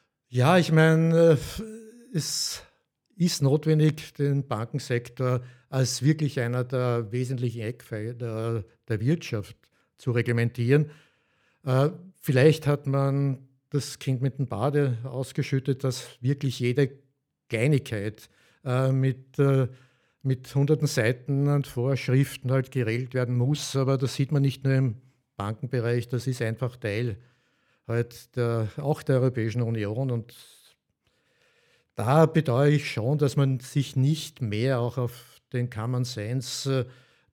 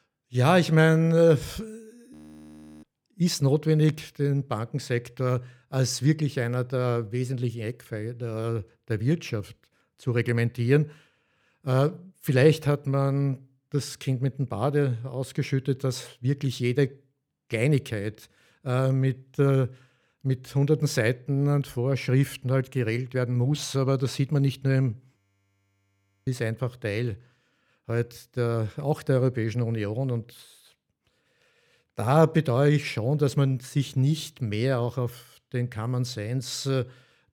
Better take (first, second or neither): first